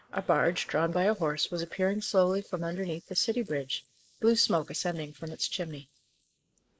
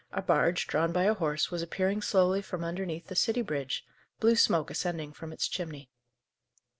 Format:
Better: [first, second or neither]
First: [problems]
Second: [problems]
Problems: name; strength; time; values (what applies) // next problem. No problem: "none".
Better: second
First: noise reduction (neural mask model Resemble Enhance denoiser)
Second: none